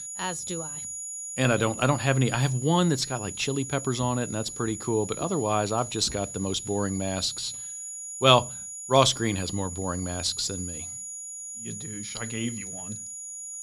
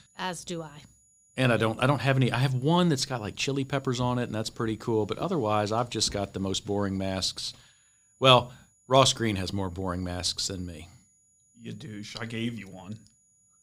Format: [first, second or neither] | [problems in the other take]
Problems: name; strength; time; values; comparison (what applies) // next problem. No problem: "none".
second | high-pitched whine; loud; throughout; 7 kHz, 9 dB below the speech; faint in the second